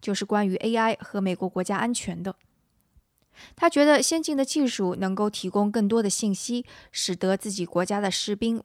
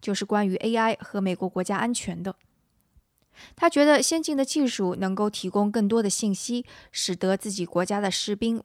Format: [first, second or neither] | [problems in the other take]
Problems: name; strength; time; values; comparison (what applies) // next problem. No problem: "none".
neither | none